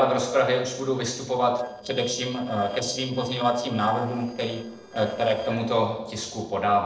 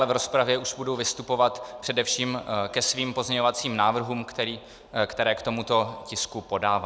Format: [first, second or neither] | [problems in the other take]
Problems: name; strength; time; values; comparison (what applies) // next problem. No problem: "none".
second | noise reduction (neural separator model SepFormer DNS4)